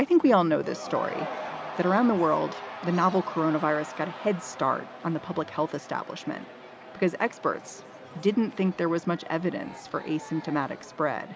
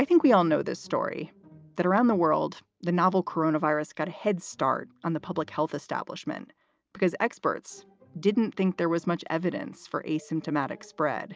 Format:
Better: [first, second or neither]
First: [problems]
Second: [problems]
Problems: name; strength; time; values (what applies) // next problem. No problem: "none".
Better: second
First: background sound (Crowd / Cheering); 13 dB below the speech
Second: none